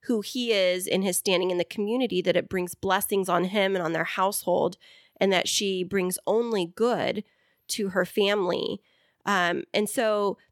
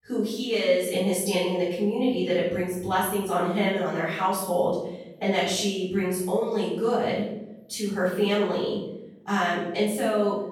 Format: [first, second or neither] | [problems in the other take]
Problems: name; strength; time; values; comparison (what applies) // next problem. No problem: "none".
first | off-mic speech; far // room echo; noticeable; dies away in 0.8 s